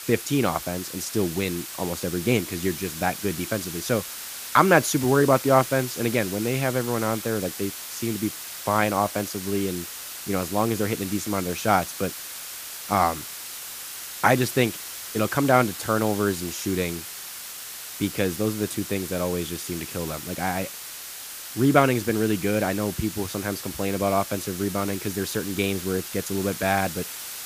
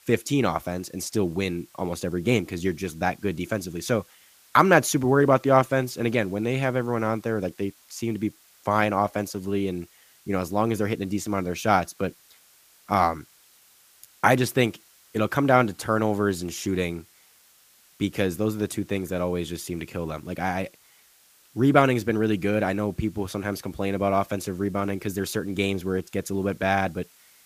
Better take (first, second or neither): second